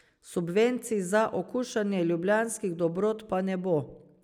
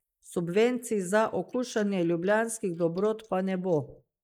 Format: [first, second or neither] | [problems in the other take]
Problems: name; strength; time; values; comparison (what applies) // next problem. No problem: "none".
first | noise reduction (neural mask model Resemble Enhance denoiser)